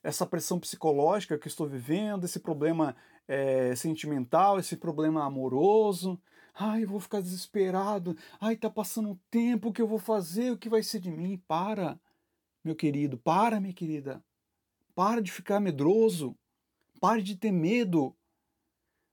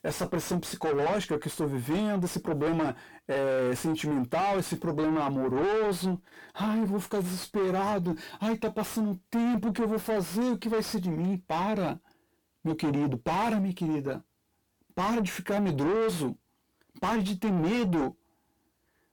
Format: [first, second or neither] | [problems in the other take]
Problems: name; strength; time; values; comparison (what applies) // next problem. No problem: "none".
first | distortion; heavy; 6 dB below the speech